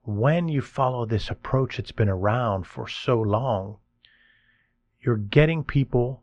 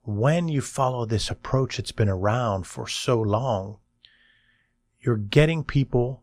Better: second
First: muffled; slightly; fading above 2.5 kHz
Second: none

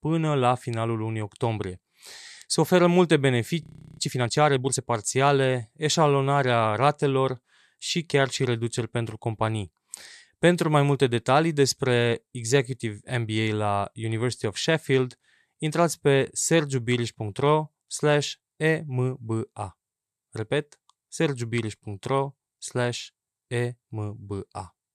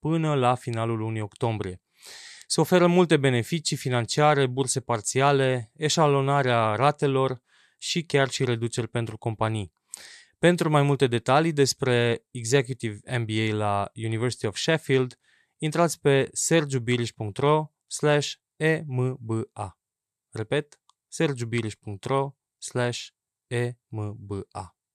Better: second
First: audio freezing; at 3.5 s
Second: none

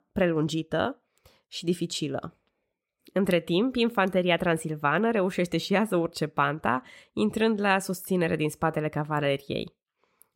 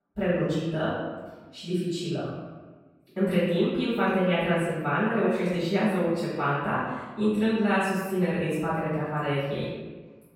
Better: first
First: none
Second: off-mic speech; far // room echo; strong; dies away in 1.2 s

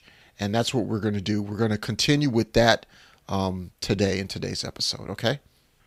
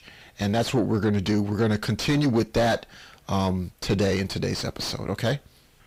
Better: first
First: none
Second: distortion; heavy; 6 dB below the speech

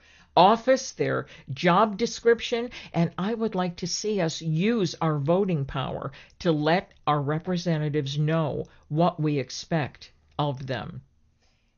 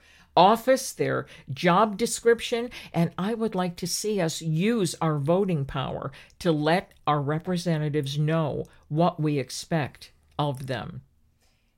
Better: second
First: garbled, watery; slightly; nothing above 6.5 kHz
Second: none

